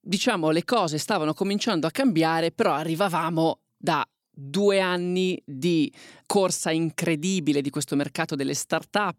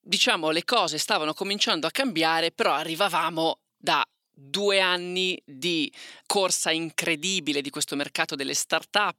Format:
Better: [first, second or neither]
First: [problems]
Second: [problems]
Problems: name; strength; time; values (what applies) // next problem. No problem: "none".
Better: first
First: none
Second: thin; somewhat; fading below 700 Hz